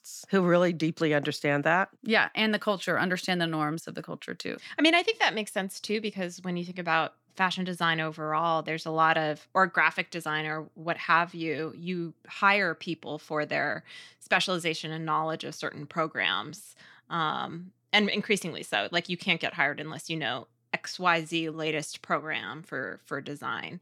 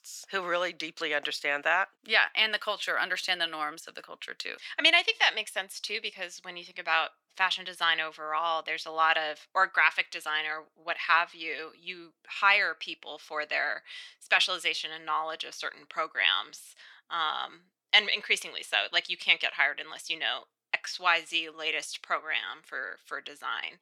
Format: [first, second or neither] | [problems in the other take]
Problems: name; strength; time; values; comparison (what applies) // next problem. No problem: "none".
first | thin; very; fading below 650 Hz